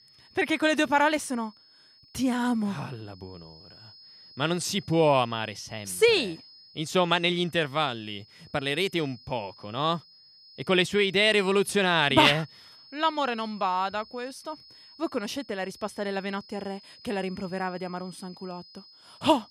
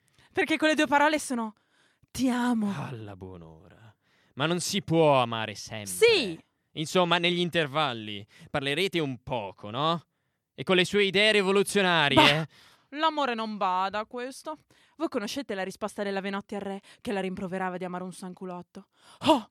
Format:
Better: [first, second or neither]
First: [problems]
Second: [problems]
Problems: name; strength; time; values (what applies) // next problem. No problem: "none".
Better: second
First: high-pitched whine; faint; throughout; 5 kHz, 25 dB below the speech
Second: none